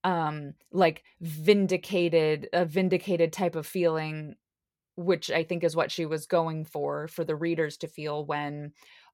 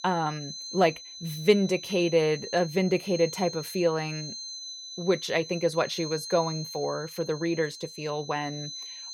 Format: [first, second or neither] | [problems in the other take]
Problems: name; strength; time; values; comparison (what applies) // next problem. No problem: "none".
first | high-pitched whine; noticeable; throughout; 4 kHz, 10 dB below the speech